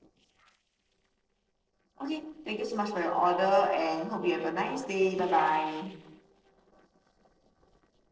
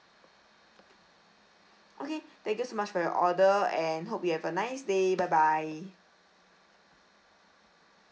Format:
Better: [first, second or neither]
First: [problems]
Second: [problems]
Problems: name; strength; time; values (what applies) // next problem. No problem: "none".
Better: second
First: noise reduction (neural separator model SepFormer DNS4)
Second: none